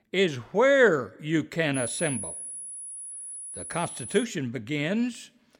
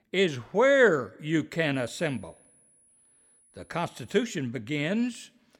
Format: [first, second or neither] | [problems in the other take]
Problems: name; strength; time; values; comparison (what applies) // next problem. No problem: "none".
second | high-pitched whine; loud; from 2 to 4 s; 10 kHz, 9 dB below the speech; faint in the second